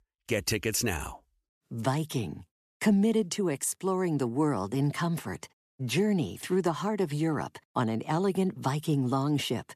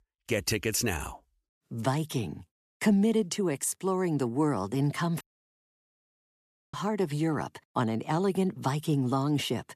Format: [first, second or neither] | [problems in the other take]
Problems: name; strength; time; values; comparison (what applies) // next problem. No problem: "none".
first | audio cutting out; at 5 s for 1.5 s